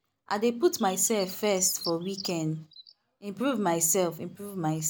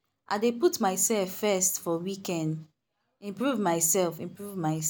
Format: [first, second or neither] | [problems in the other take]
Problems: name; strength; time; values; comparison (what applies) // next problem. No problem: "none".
second | background sound (Bird); 15 dB below the speech